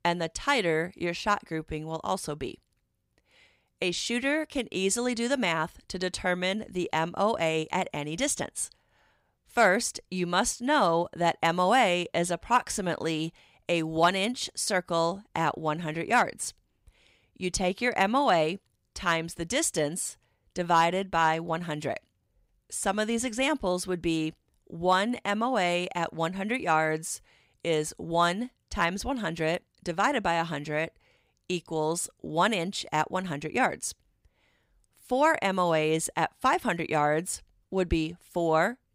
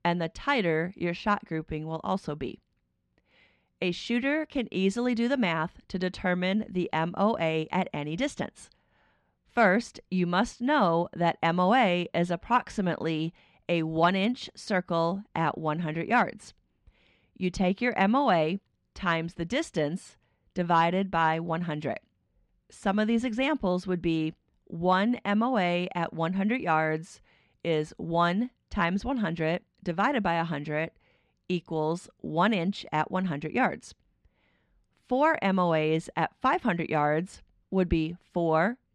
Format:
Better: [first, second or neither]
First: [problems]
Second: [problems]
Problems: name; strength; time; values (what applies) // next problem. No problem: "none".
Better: first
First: none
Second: muffled; slightly; fading above 3.5 kHz